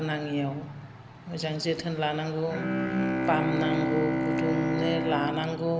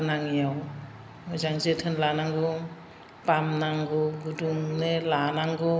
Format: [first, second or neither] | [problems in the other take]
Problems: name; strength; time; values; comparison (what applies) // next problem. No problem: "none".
second | background sound (Bowed string instrument); as loud as the speech